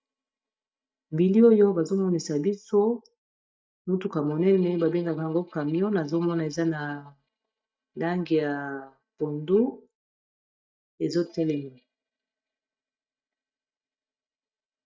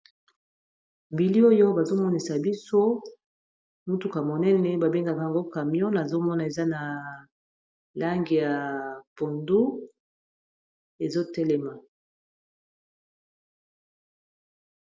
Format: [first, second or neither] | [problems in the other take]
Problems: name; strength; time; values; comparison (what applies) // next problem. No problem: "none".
second | noise reduction (neural mask model DeepFilterNet 3)